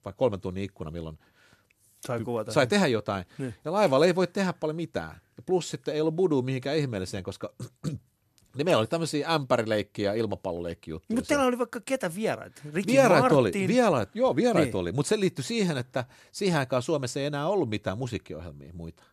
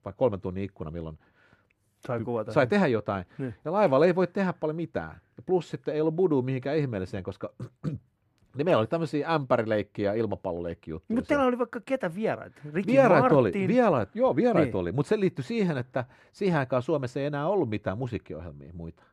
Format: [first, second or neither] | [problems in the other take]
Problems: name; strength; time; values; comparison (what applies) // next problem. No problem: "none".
first | muffled; slightly; fading above 3.5 kHz